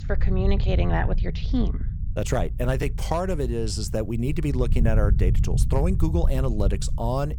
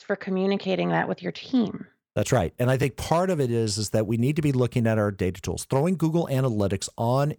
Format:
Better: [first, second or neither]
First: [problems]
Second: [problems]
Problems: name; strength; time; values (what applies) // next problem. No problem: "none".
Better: second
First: low rumble; noticeable; throughout; 15 dB below the speech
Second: none